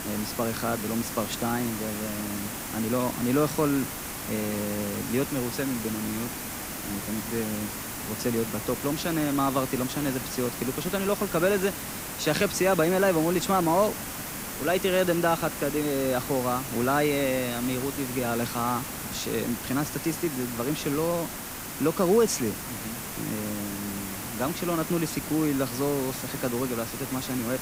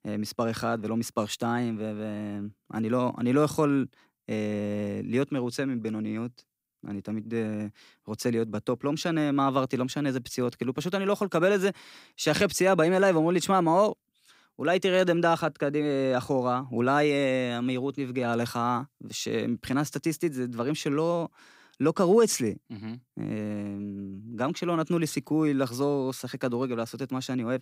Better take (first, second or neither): second